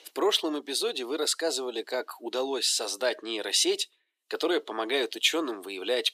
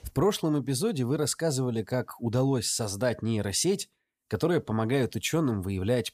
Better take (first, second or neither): second